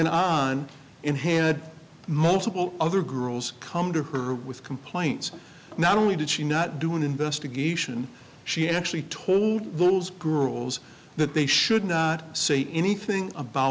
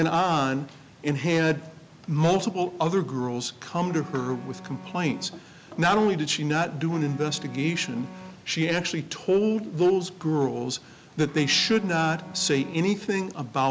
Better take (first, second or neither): first